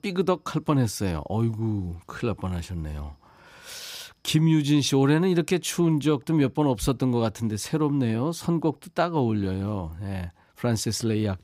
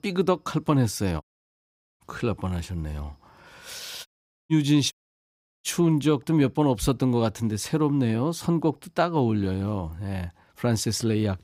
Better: first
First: none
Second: audio cutting out; at 1 s for 1 s, at 4 s and at 5 s for 0.5 s

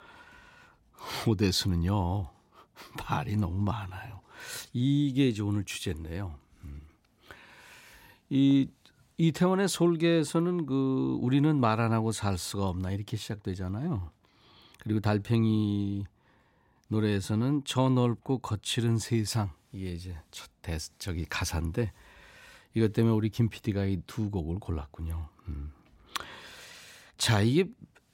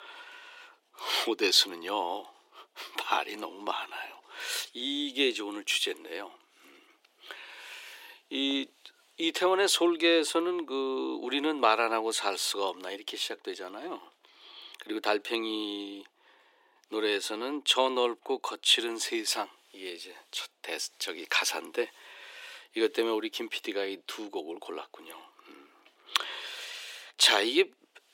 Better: first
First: none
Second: thin; very; fading below 350 Hz

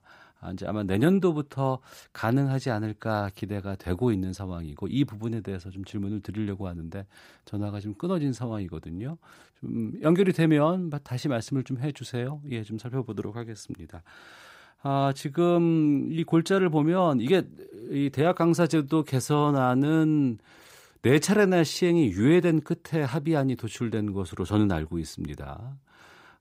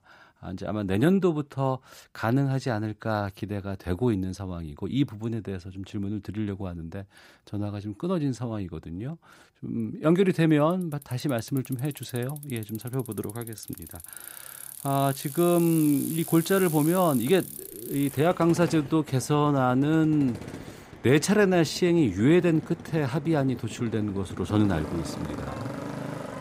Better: first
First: none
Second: traffic noise; noticeable; from 11 s on; 15 dB below the speech

